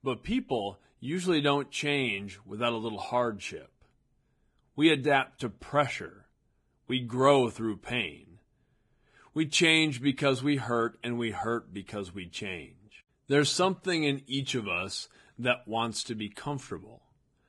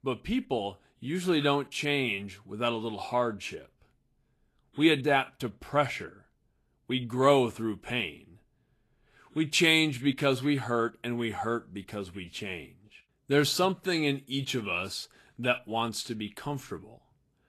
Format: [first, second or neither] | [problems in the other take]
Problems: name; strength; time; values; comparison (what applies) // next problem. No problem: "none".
second | garbled, watery; badly; slightly in the second